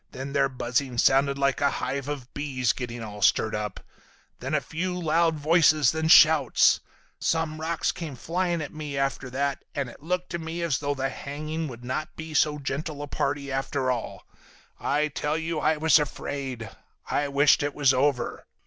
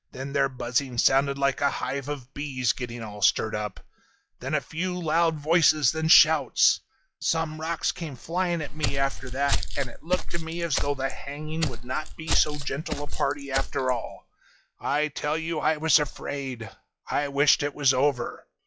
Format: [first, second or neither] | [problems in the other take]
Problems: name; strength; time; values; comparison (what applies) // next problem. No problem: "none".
first | noise reduction (classical method log-MMSE)